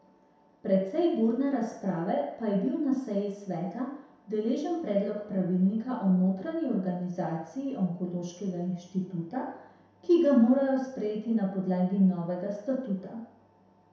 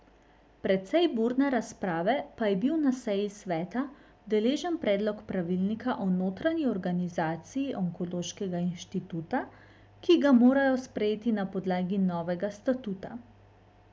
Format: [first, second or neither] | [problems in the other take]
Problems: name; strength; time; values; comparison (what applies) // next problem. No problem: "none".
second | room echo; dies away in 0.7 s